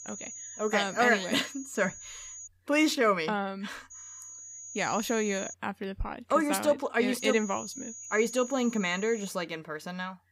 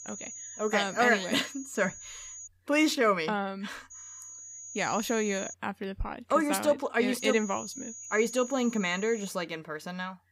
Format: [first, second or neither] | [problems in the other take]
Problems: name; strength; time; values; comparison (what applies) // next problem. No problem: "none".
neither | high-pitched whine; noticeable; until 2.5 s, from 4 to 5.5 s and from 7 to 9.5 s; 6.5 kHz, 10 dB below the speech; the same in both